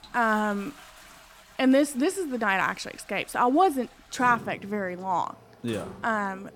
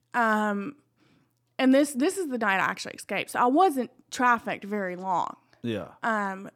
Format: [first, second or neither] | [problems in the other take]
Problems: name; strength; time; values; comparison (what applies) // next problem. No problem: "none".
second | household noises; faint; throughout; 20 dB below the speech